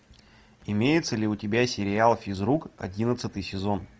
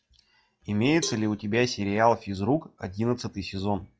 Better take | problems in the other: first | noise reduction (classical method log-MMSE)

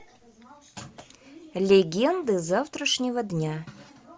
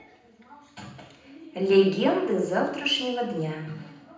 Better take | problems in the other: first | room echo; dies away in 0.8 s

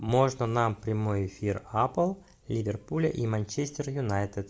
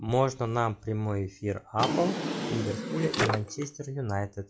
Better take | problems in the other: first | noise reduction (classical method log-MMSE)

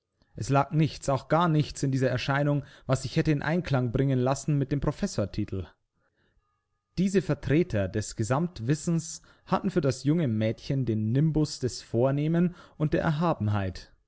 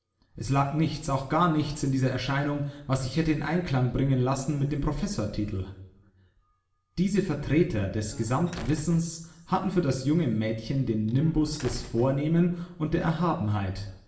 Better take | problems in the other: first | background sound (Slam); 15 dB below the speech // room echo; dies away in 0.8 s

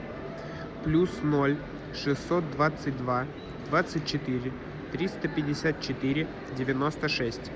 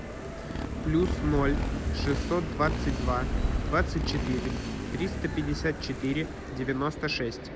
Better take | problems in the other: first | background sound (Motorcycle + Fire); 2 dB below the speech

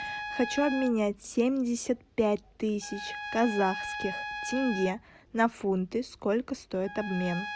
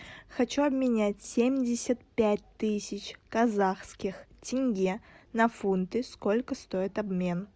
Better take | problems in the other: second | background sound (Trumpet); 10 dB below the speech

